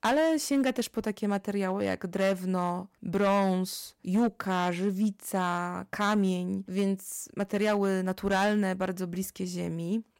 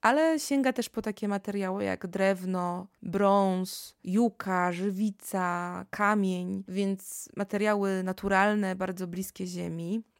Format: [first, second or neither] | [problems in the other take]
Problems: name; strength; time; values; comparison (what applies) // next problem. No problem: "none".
second | distortion; slight; 5% of the sound clipped